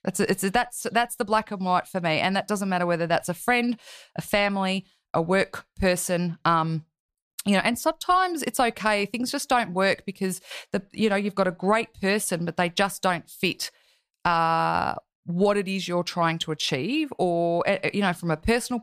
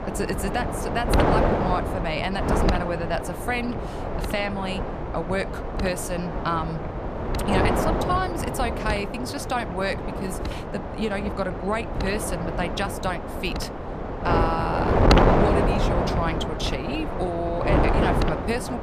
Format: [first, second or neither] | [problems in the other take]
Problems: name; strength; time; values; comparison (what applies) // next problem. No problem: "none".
first | wind noise on the microphone; heavy; 1 dB above the speech